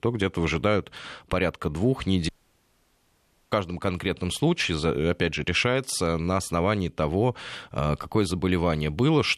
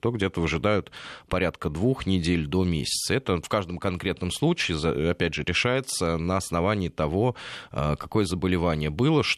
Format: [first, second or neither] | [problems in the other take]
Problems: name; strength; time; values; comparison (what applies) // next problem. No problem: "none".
second | audio cutting out; at 2.5 s for 1 s